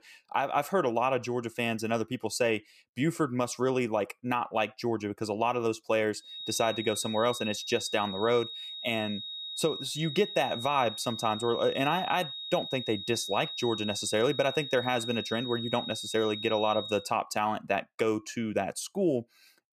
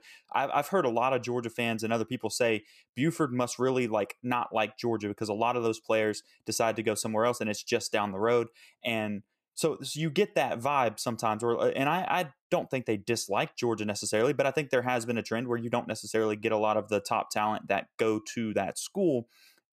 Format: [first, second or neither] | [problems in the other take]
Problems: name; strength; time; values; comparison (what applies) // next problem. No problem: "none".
second | high-pitched whine; loud; from 6.5 to 17 s; 4 kHz, 7 dB below the speech